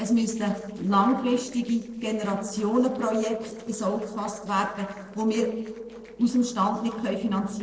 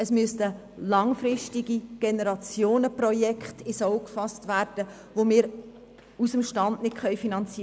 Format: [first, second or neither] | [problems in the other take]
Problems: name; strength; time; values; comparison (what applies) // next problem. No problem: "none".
second | noise reduction (neural separator model SepFormer DNS4)